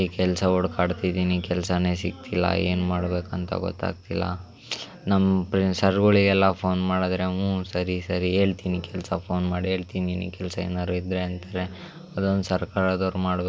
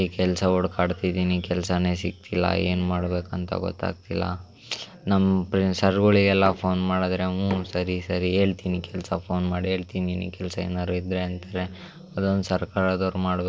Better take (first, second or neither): first